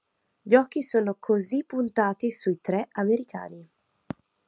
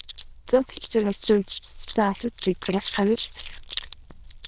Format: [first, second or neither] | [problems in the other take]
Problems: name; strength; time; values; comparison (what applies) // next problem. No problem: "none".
first | noise reduction (neural diffusion model UNIVERSE++)